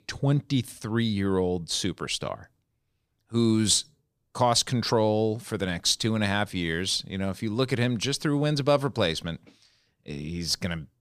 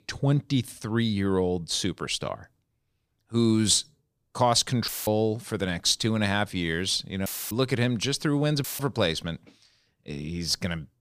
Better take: first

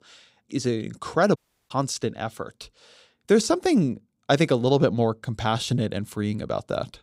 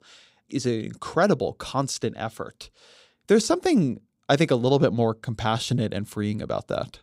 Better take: second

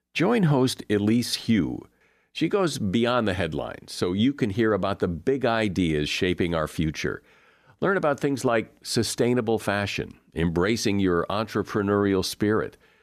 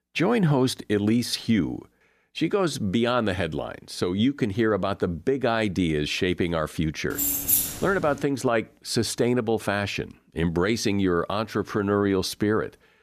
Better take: first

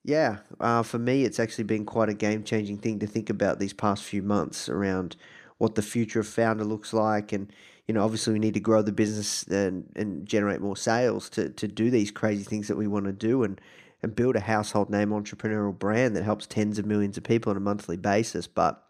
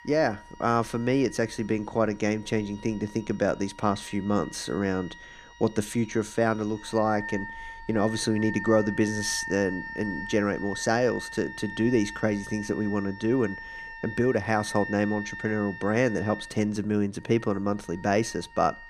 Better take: first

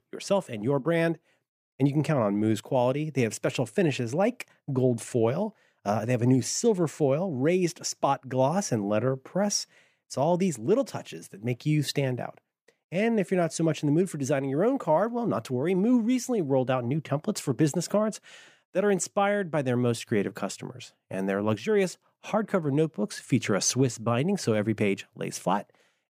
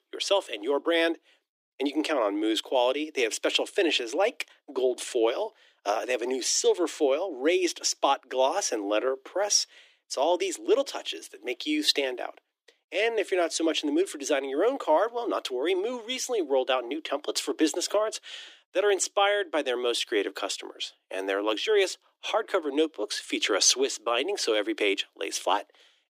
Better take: first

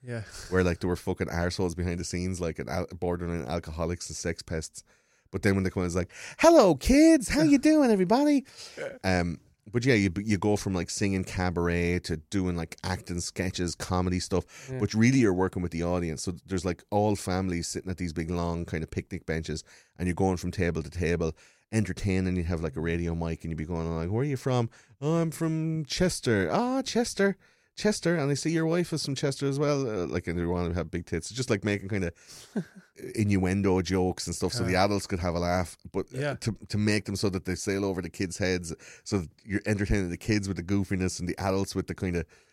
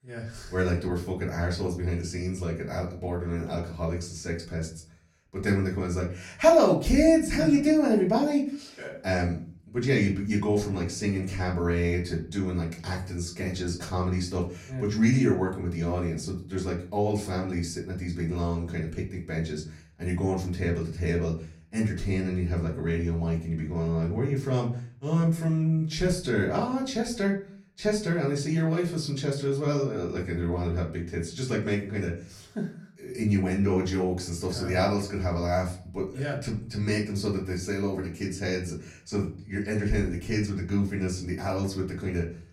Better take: first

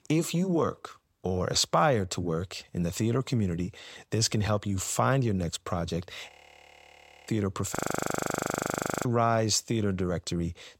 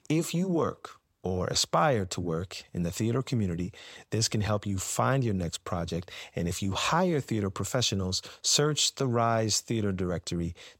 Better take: second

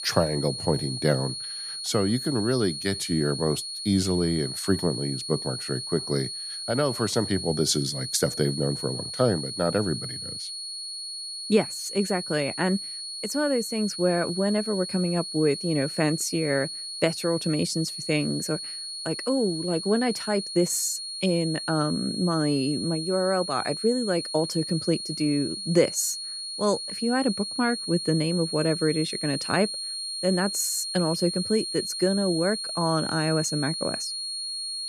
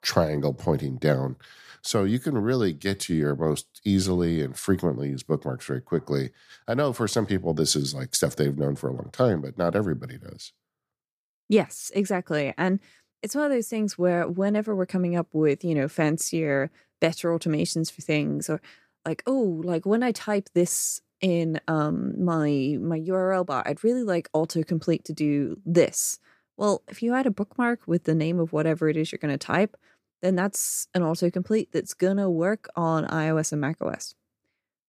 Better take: second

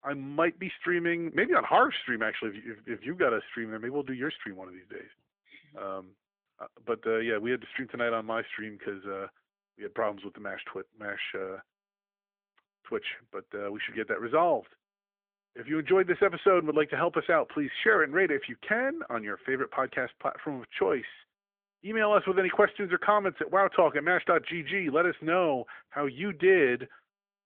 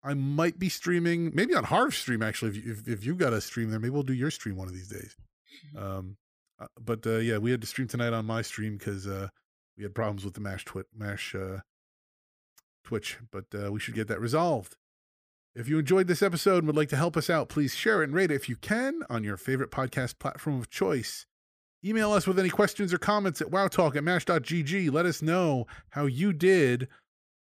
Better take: second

